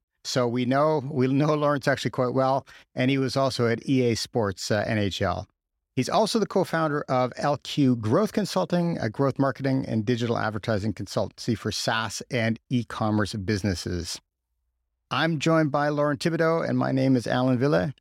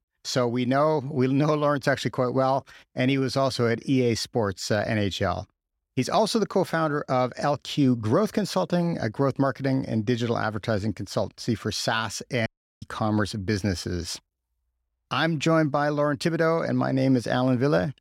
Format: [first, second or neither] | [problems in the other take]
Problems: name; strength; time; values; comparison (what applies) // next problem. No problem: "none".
first | audio cutting out; at 12 s